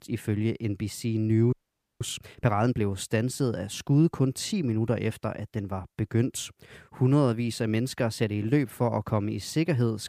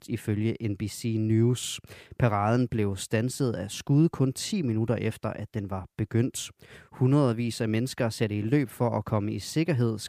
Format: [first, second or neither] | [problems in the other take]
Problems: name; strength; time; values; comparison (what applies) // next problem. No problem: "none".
second | audio freezing; at 1.5 s